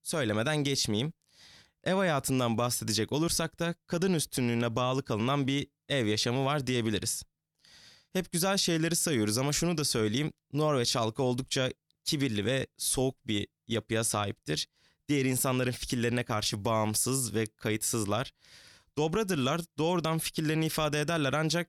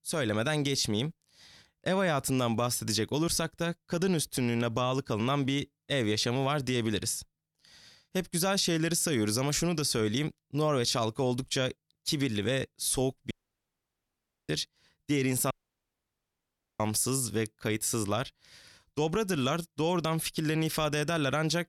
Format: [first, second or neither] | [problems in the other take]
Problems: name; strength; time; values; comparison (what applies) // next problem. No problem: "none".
first | audio cutting out; at 13 s for 1 s and at 16 s for 1.5 s